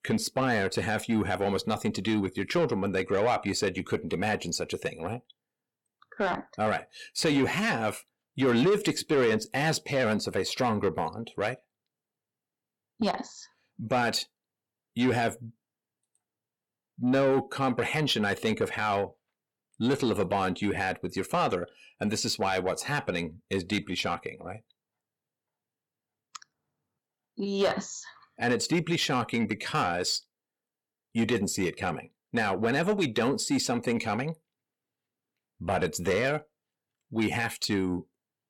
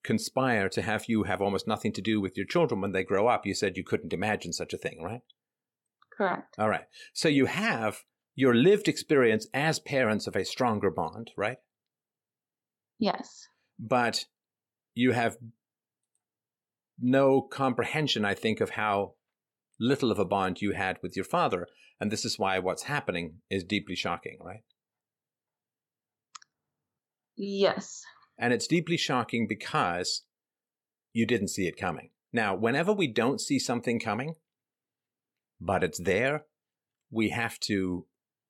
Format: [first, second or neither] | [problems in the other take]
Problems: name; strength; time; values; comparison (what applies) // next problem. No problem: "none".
second | distortion; slight; 10 dB below the speech